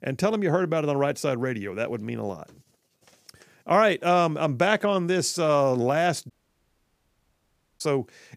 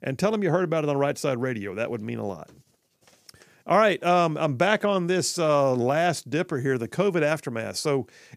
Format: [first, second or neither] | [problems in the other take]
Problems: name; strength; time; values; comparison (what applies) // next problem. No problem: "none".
second | audio cutting out; at 6.5 s for 1.5 s